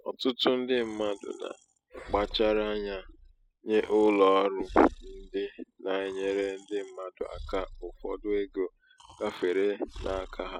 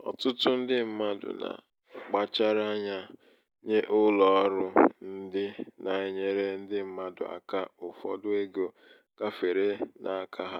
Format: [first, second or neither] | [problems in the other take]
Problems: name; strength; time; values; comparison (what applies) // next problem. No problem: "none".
second | noise reduction (classical method spectral subtraction)